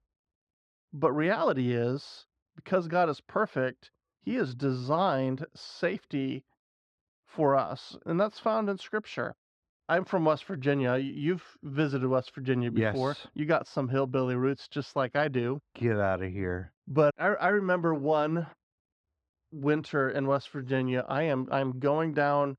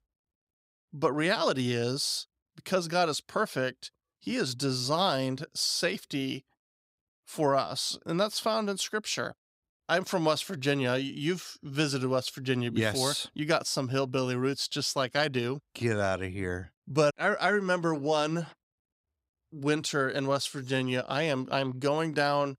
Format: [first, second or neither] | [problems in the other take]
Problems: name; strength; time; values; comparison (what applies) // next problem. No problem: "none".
second | muffled; very; fading above 2 kHz